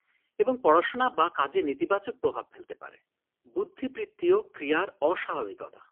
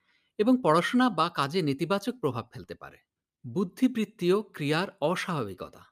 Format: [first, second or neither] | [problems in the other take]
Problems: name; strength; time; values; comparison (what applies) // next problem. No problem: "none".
second | phone-call audio; poor line; nothing above 3 kHz